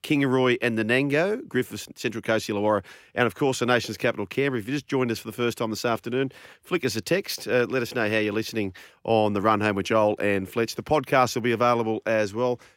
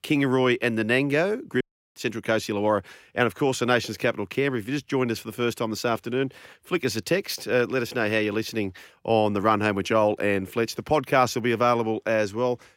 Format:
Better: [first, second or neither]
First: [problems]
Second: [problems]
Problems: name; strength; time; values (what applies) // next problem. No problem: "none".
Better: first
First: none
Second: audio cutting out; at 1.5 s